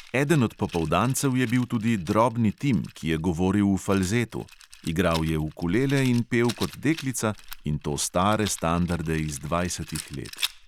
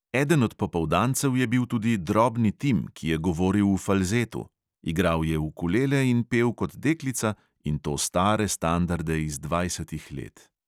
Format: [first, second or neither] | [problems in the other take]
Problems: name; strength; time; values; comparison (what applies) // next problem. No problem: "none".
second | background sound (Rattle); 17 dB below the speech